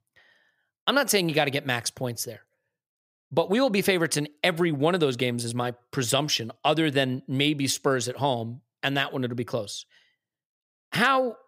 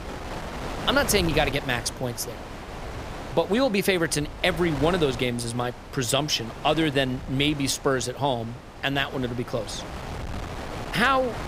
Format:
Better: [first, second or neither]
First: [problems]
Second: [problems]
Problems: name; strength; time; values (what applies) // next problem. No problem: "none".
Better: first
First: none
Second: wind noise on the microphone; occasional gusts; 10 dB below the speech